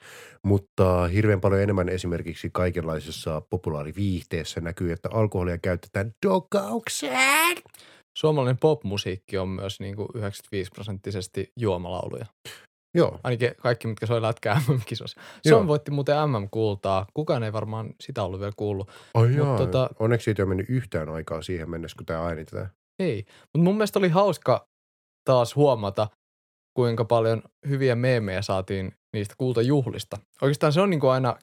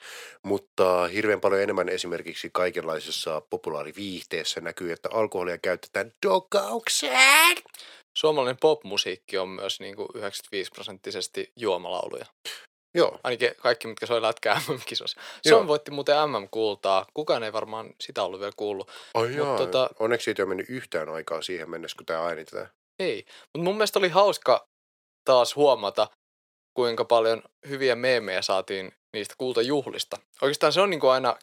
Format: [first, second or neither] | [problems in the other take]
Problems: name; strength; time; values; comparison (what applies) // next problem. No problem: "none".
first | thin; somewhat; fading below 400 Hz